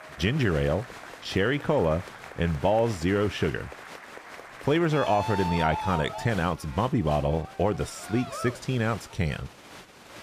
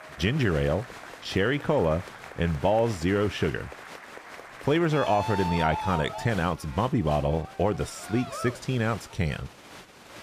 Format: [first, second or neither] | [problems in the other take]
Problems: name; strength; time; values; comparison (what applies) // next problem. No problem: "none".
neither | crowd noise; noticeable; throughout; 10 dB below the speech; the same in both